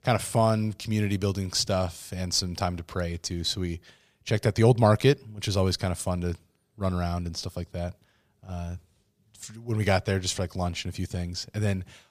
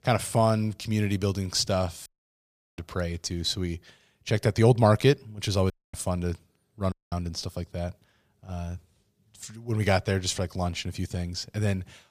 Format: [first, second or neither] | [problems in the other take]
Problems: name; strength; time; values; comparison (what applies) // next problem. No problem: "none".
first | audio cutting out; at 2 s for 0.5 s, at 5.5 s and at 7 s